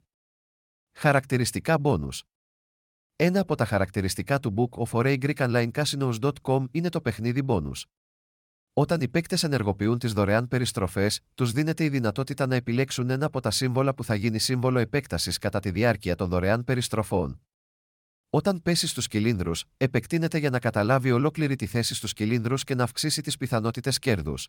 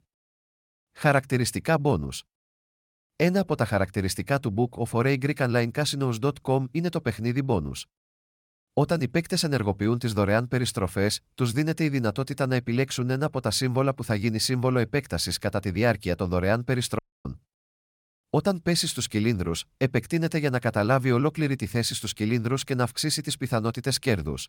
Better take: first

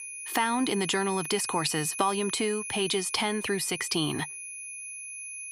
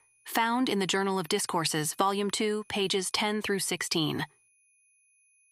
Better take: second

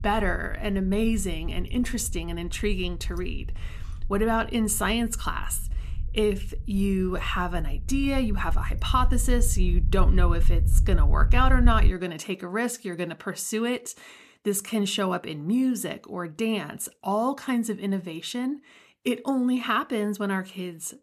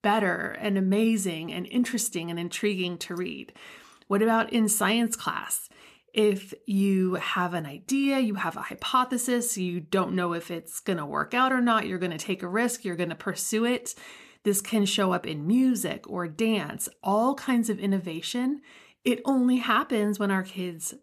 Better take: second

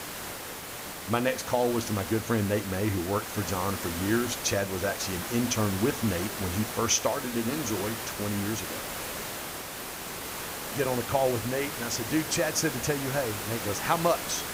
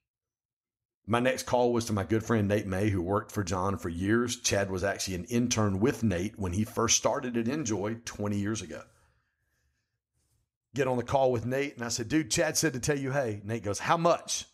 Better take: second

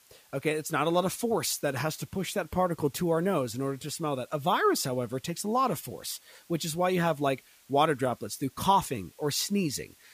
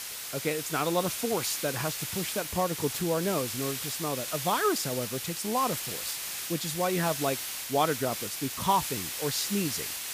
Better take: first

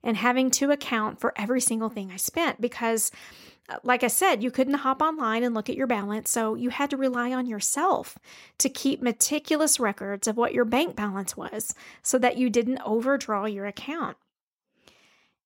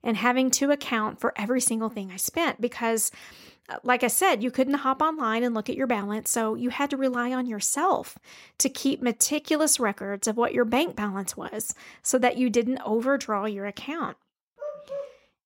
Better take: first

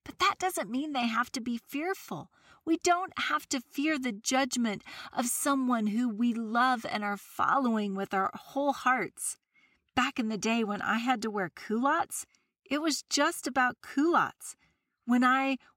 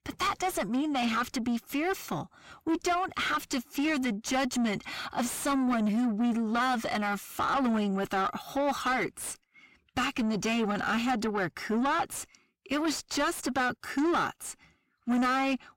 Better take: first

